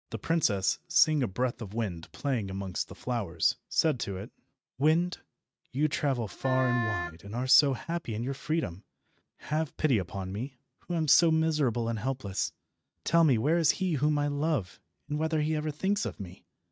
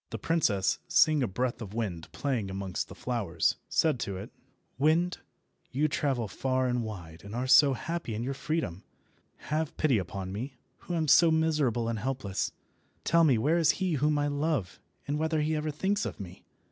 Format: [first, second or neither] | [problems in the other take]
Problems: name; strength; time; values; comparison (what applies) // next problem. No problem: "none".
second | noise reduction (neural mask model RNNoise)